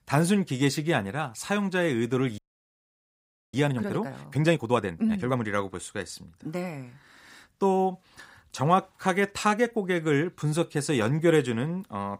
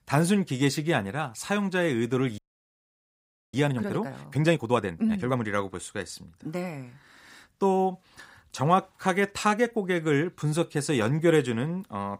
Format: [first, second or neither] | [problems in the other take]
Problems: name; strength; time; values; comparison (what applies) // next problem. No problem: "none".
neither | audio freezing; at 2.5 s for 1 s; the same in both